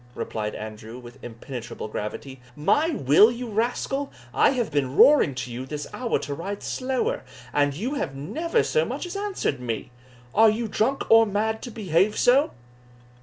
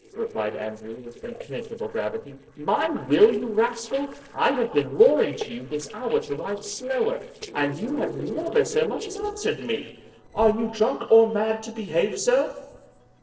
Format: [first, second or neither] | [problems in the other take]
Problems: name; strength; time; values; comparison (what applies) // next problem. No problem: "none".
first | noise reduction (neural separator model SepFormer DNS4)